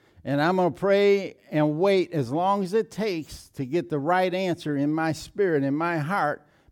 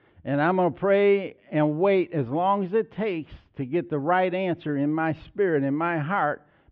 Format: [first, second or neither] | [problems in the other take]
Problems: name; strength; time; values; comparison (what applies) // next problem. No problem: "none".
first | muffled; very; fading above 3 kHz